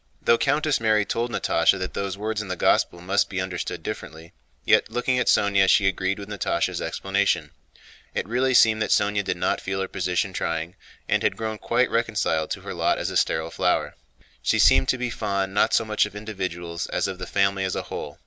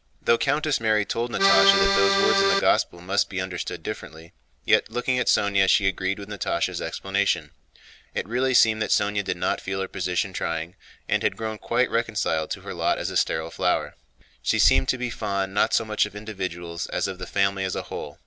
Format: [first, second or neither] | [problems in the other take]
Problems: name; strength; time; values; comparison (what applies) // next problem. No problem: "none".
first | background sound (Accordion); 5 dB above the speech